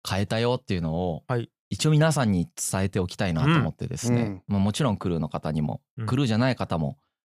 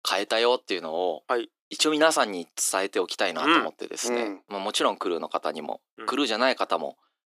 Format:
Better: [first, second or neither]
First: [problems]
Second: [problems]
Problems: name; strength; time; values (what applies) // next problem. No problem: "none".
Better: first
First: none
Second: thin; very; fading below 300 Hz